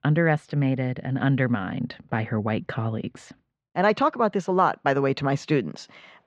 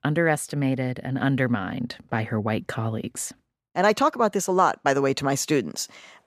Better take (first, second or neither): second